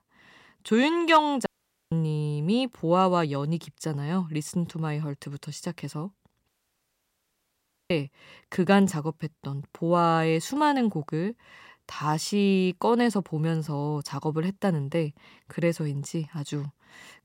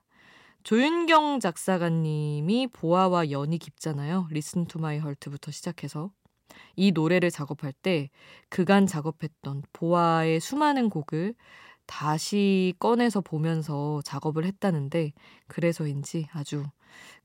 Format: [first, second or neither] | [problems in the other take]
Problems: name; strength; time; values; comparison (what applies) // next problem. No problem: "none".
second | audio cutting out; at 1.5 s and at 6.5 s for 1.5 s